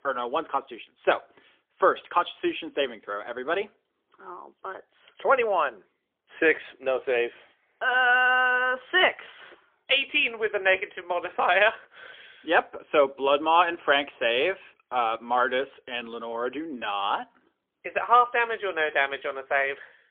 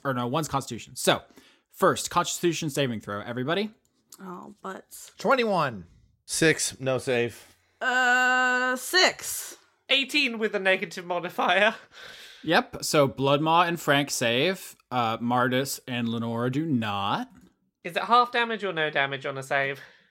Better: second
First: phone-call audio; poor line; nothing above 3.5 kHz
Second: none

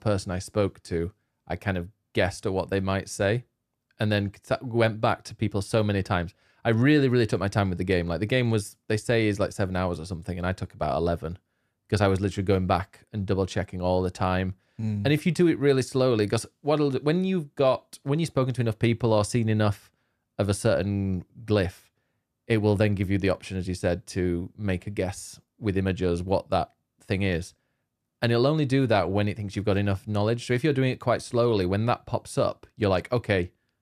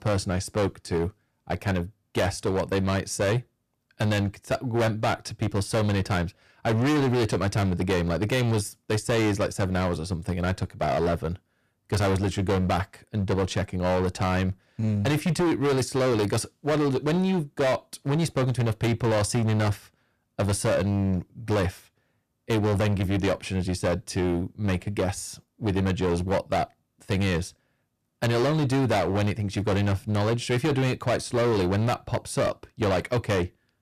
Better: first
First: none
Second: distortion; heavy; 18% of the sound clipped

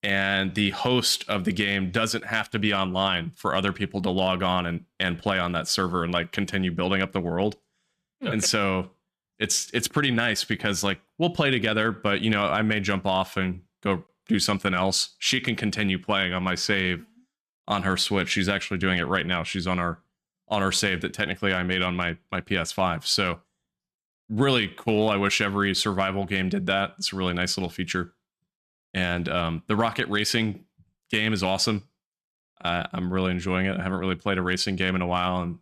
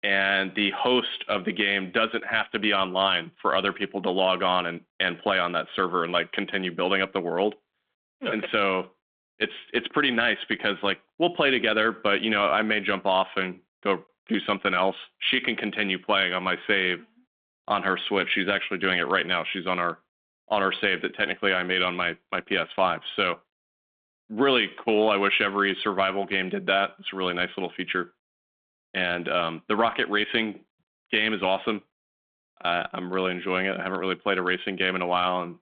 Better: first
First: none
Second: phone-call audio; nothing above 3.5 kHz

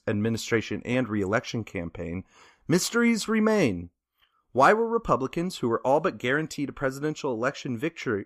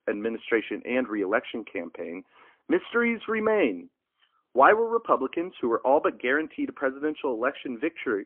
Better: first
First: none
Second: phone-call audio; poor line; nothing above 3.5 kHz

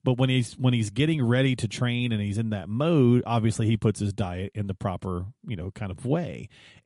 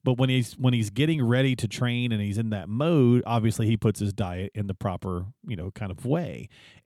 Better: second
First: garbled, watery; slightly; nothing above 11 kHz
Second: none

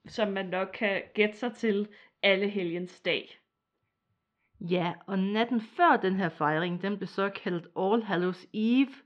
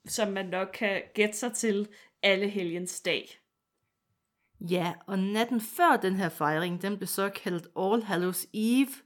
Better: second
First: muffled; slightly; fading above 4 kHz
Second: none

